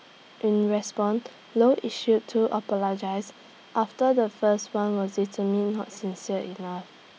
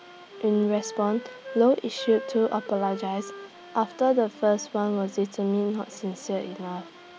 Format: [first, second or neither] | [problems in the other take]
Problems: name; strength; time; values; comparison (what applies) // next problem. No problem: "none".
first | background sound (Wind instrument, woodwind instrument); 16 dB below the speech